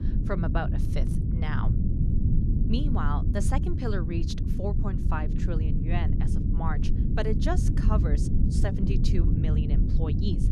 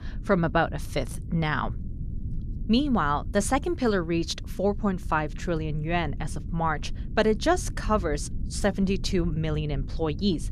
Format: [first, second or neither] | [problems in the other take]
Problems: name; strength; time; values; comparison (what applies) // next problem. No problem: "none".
second | low rumble; loud; throughout; 3 dB below the speech; faint in the second